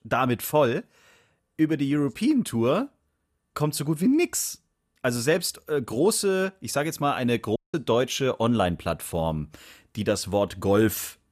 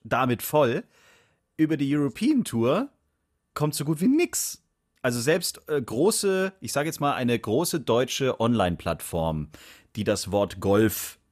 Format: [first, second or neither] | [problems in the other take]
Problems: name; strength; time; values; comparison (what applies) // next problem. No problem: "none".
second | audio cutting out; at 7.5 s